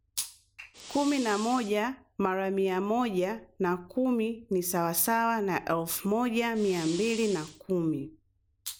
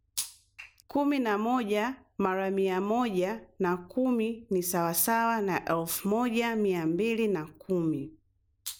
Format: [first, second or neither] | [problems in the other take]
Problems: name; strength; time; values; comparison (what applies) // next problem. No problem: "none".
second | background sound (Fire); 14 dB below the speech